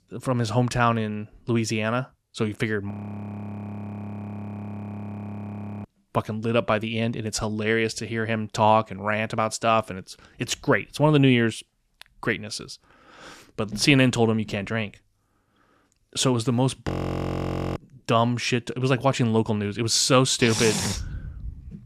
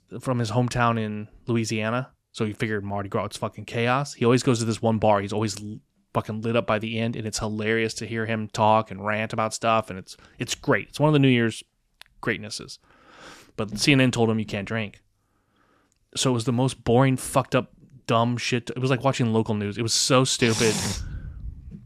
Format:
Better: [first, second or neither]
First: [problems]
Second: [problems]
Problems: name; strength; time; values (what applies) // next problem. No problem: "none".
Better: second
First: audio freezing; at 3 s for 3 s and at 17 s for 1 s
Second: none